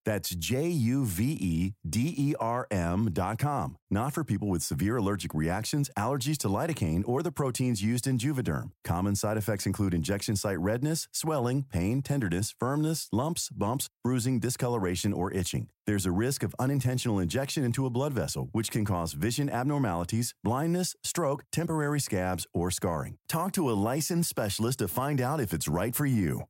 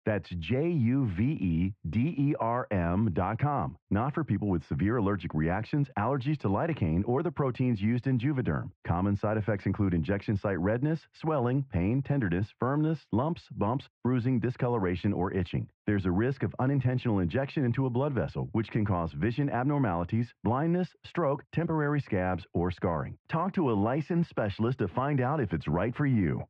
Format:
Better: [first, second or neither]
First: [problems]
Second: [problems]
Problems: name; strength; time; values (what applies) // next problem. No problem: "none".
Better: first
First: none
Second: muffled; very; fading above 2.5 kHz